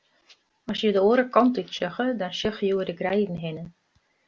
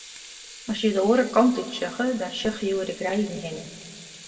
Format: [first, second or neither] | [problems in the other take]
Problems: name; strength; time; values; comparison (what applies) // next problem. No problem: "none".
first | background sound (Sink (filling or washing) / Water tap, faucet); 18 dB below the speech // room echo; dies away in 1.4 s